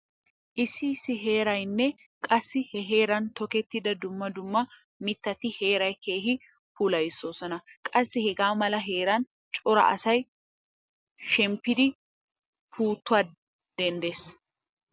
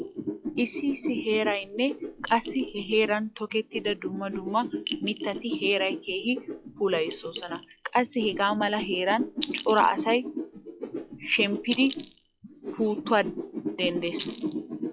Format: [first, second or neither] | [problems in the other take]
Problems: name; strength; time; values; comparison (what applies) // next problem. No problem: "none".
first | noise reduction (classical method log-MMSE)